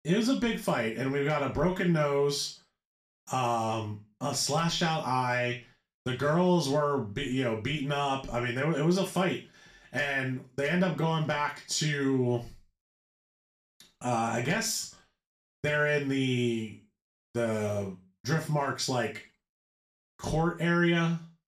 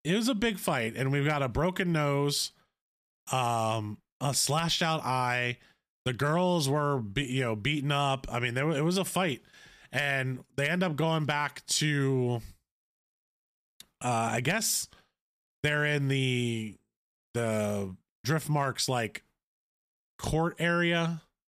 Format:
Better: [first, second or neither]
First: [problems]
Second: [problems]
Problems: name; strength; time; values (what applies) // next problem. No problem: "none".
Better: second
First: room echo; slight; dies away in 0.3 s // off-mic speech; somewhat distant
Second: none